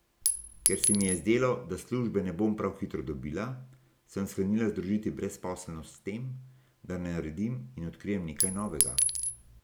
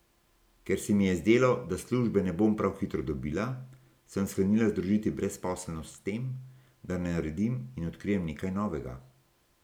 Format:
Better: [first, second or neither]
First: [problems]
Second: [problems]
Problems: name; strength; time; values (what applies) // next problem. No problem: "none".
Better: second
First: background sound (Chink, clink); 3 dB above the speech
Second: none